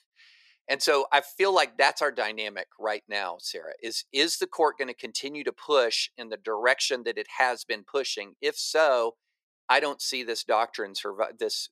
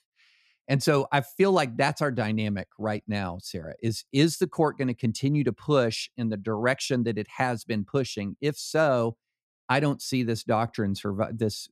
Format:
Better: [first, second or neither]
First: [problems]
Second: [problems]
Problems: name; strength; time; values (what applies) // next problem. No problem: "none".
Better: second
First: thin; very; fading below 450 Hz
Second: none